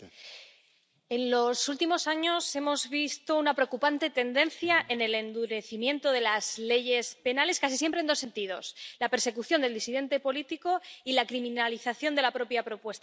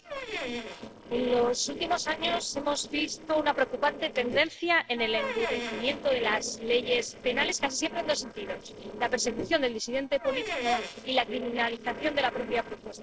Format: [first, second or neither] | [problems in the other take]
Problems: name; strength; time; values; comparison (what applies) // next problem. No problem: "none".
first | noise reduction (neural separator model SepFormer DNS4)